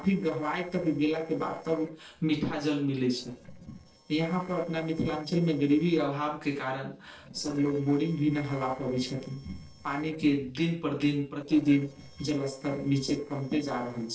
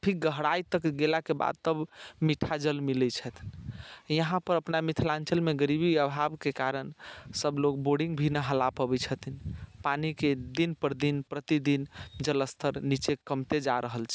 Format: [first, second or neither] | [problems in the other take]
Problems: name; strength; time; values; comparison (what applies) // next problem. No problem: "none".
second | noise reduction (neural separator model SepFormer DNS4)